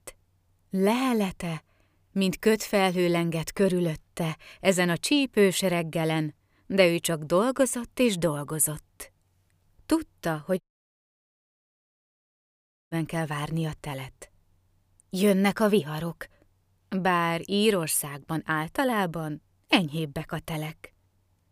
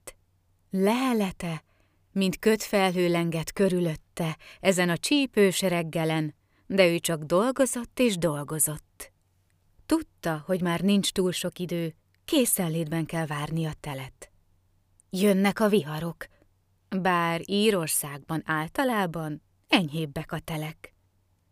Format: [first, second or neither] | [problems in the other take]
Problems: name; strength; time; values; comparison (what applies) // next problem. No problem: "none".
second | audio cutting out; at 11 s for 2.5 s